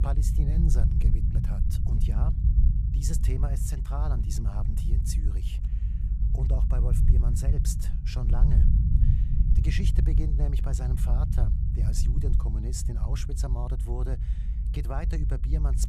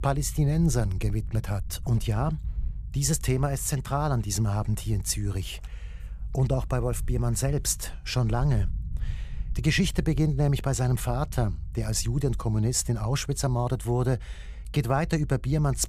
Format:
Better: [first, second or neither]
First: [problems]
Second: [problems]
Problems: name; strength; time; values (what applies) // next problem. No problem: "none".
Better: second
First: low rumble; loud; throughout; 2 dB below the speech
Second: low rumble; faint; throughout; 25 dB below the speech